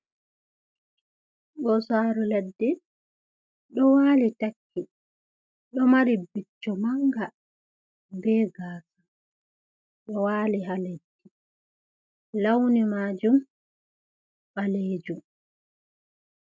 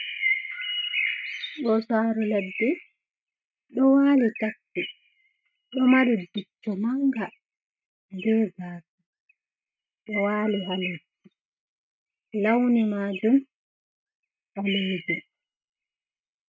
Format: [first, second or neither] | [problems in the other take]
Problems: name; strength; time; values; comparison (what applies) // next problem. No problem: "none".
first | noise reduction (neural mask model RNNoise)